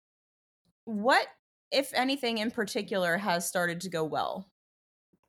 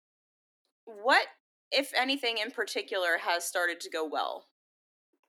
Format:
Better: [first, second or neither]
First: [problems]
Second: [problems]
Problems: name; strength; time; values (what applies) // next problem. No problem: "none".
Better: first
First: none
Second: thin; very slightly; fading below 250 Hz